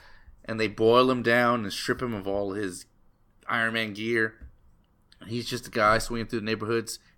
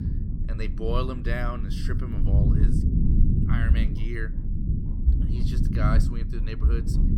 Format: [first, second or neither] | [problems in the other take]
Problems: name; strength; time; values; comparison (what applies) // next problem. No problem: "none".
first | low rumble; loud; throughout; 3 dB below the speech